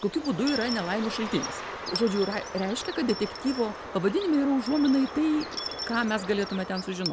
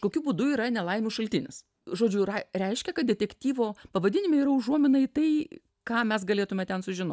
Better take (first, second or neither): second